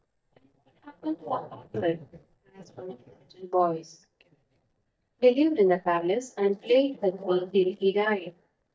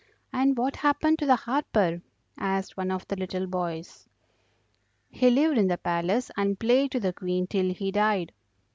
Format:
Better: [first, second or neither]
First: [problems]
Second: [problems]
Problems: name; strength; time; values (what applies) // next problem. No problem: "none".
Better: second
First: noise reduction (neural mask model DeepFilterNet 3)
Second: none